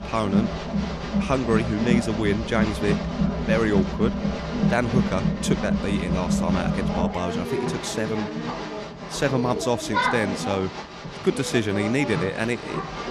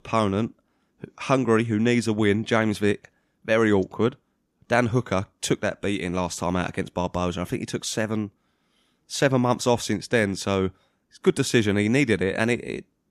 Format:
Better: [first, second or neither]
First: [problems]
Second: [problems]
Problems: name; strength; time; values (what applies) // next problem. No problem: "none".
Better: second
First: crowd noise; loud; throughout; 1 dB below the speech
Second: none